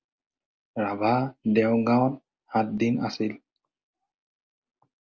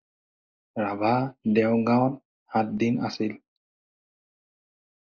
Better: first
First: none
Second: noise reduction (neural mask model Resemble Enhance denoiser)

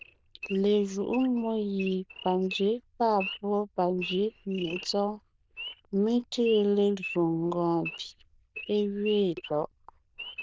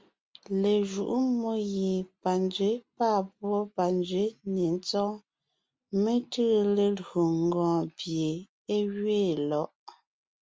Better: second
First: noise reduction (neural diffusion model UNIVERSE++)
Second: none

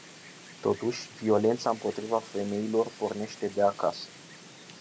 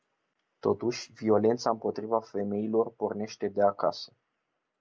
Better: second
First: background sound (Wind); 18 dB below the speech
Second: none

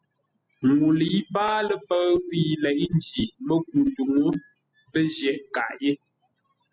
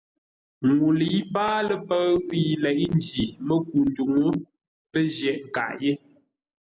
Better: second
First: noise reduction (classical method spectral subtraction)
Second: none

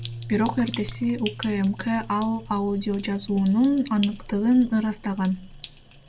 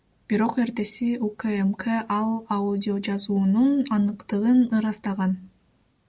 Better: second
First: background sound (Piano + Sink (filling or washing)); 15 dB below the speech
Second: none

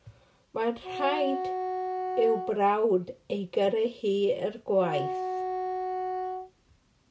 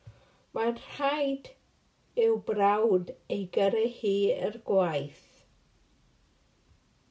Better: second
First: background sound (Wind instrument, woodwind instrument); 5 dB below the speech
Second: none

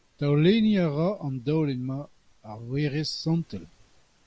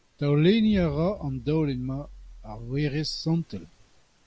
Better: first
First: none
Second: background sound (Explosion); 17 dB below the speech

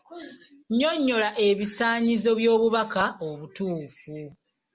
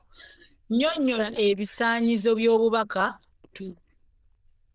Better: first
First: none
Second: noise reduction (neural diffusion model UNIVERSE++)

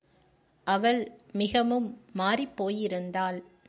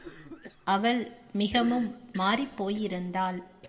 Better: first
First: none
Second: background sound (Cough); 17 dB below the speech // room echo; dies away in 1.6 s

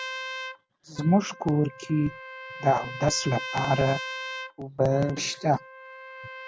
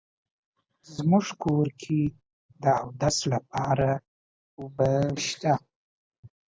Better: second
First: background sound (Trumpet); 11 dB below the speech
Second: none

